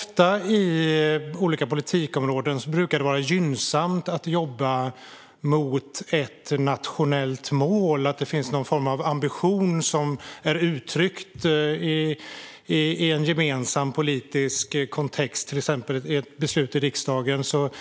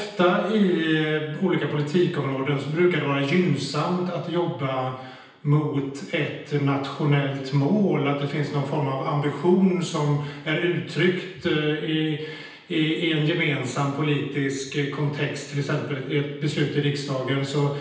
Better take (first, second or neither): first